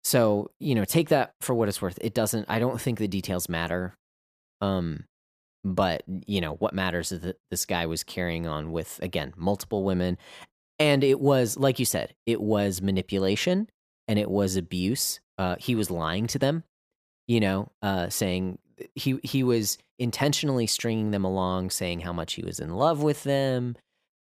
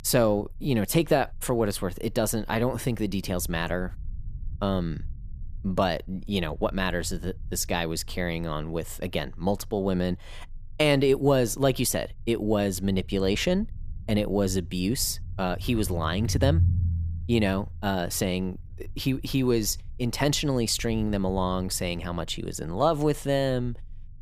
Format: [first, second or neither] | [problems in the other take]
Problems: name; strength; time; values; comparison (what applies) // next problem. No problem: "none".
first | low rumble; faint; throughout; 25 dB below the speech